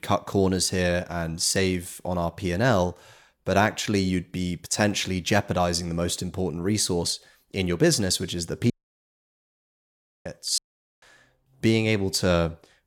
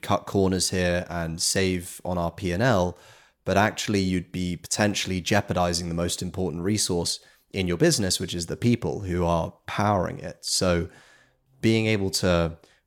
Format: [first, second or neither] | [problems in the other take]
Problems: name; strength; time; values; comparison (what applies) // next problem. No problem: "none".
second | audio cutting out; at 8.5 s for 1.5 s and at 11 s